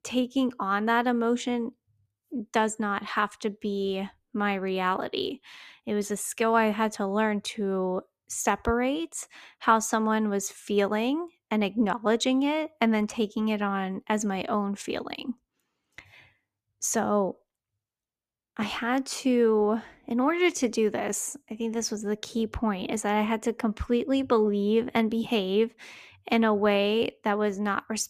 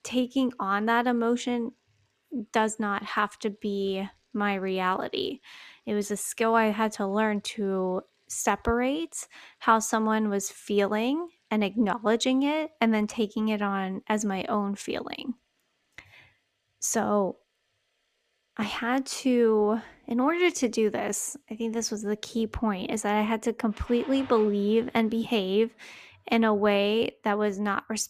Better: first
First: none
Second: household noises; faint; throughout; 30 dB below the speech

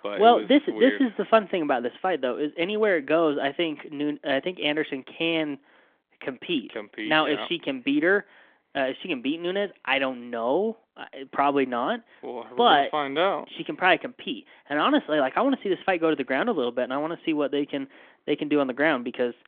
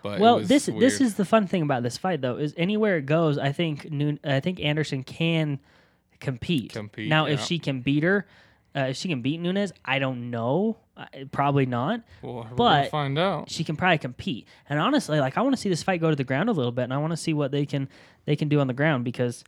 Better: second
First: phone-call audio; nothing above 3.5 kHz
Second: none

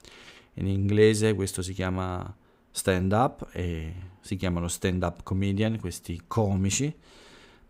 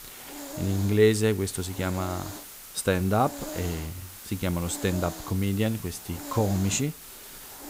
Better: first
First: none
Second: hiss; noticeable; throughout; 10 dB below the speech

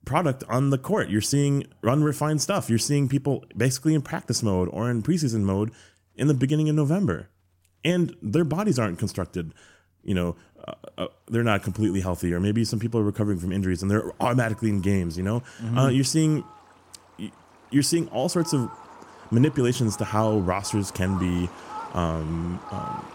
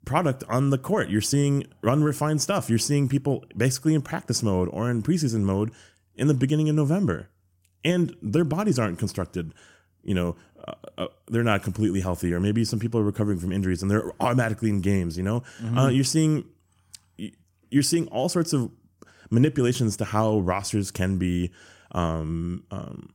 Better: second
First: animal sounds; noticeable; throughout; 20 dB below the speech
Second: none

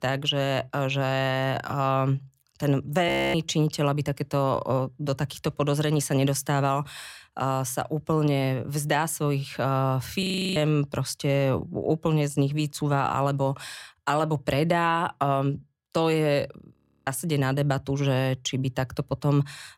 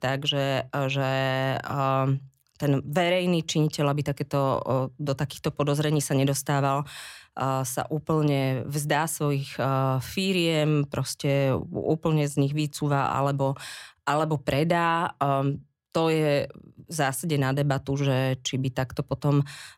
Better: second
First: audio freezing; at 3 s, at 10 s and at 17 s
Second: none

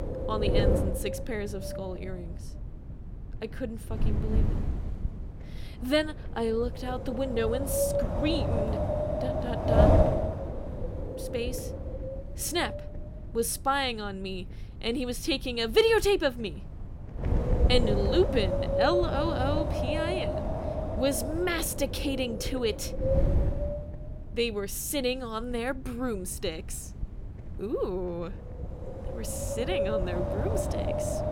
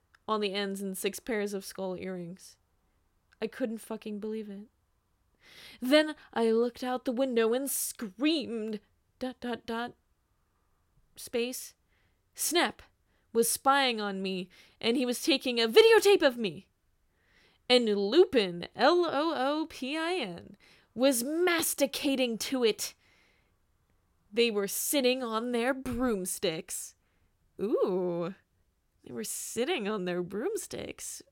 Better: second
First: wind noise on the microphone; heavy; 1 dB below the speech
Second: none

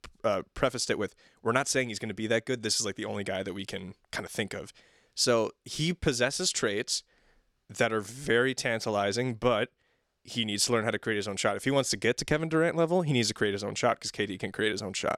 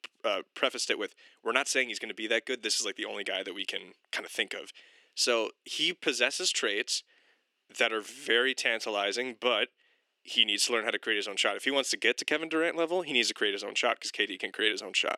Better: first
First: none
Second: thin; somewhat; fading below 300 Hz

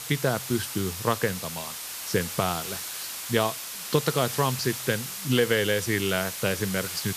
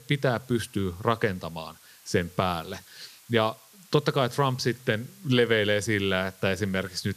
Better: second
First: hiss; loud; throughout; 6 dB below the speech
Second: hiss; faint; throughout; 25 dB below the speech

